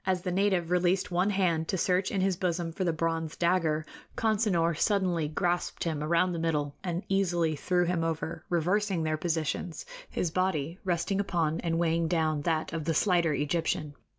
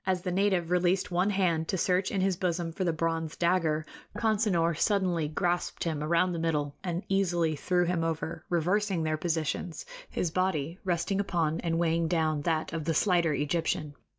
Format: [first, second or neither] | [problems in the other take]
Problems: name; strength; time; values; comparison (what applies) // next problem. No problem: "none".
first | noise reduction (neural mask model DeepFilterNet 3)